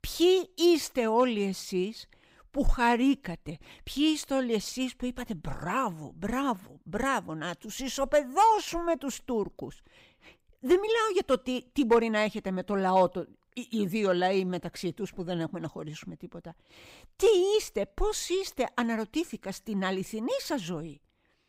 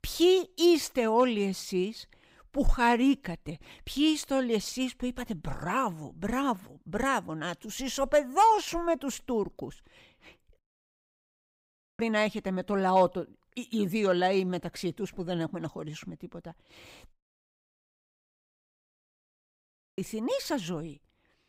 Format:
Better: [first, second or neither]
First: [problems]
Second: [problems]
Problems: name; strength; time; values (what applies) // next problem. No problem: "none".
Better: first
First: none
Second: audio cutting out; at 11 s for 1.5 s and at 17 s for 3 s